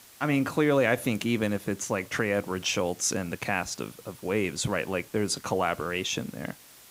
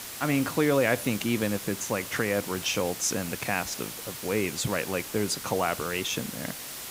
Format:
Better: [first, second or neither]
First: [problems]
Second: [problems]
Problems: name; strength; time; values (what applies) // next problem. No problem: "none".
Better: first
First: hiss; faint; throughout; 20 dB below the speech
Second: hiss; loud; throughout; 8 dB below the speech